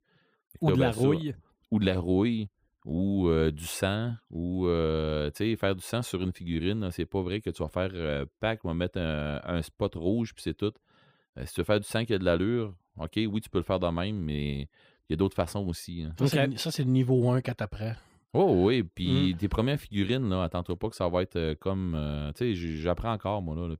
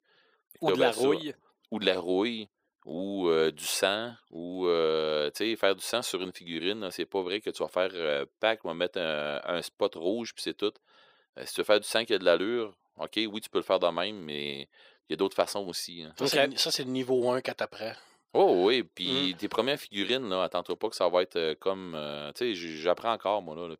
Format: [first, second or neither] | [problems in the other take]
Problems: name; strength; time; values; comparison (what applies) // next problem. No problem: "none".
first | thin; somewhat; fading below 450 Hz